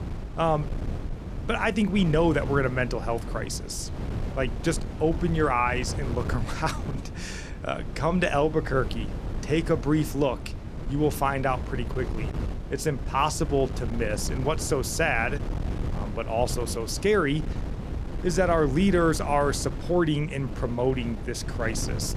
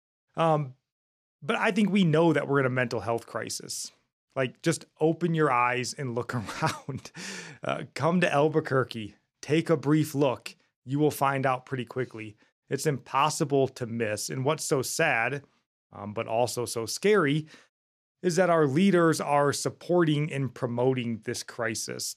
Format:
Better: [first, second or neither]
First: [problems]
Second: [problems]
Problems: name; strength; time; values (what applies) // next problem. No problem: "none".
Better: second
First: wind noise on the microphone; occasional gusts; 15 dB below the speech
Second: none